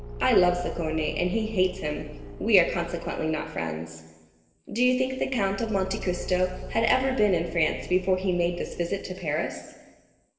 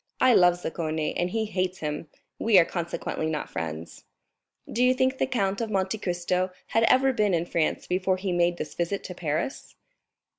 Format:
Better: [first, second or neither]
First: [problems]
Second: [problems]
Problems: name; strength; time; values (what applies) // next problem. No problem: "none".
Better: second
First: background sound (Engine / Car); 12 dB below the speech // room echo; dies away in 1.3 s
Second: none